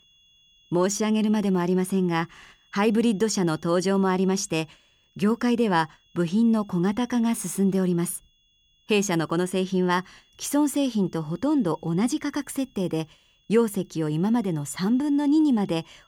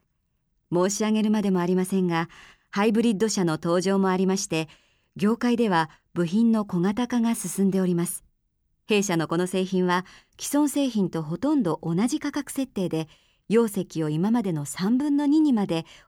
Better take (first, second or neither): second